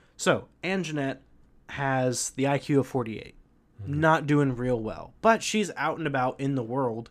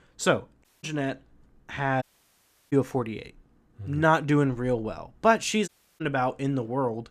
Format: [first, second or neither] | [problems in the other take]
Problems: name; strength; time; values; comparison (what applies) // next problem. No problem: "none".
first | audio cutting out; at 0.5 s, at 2 s for 0.5 s and at 5.5 s